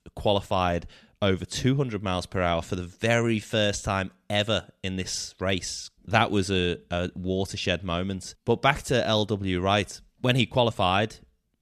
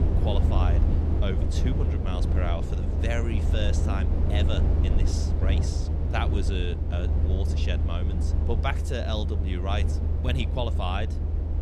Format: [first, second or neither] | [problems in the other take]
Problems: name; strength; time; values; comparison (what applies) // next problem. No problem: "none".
first | low rumble; loud; throughout; 4 dB below the speech